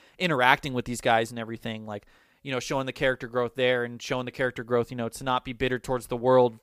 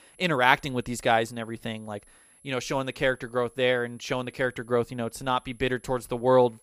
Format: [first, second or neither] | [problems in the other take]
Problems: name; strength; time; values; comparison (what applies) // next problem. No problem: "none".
first | high-pitched whine; faint; throughout; 11 kHz, 30 dB below the speech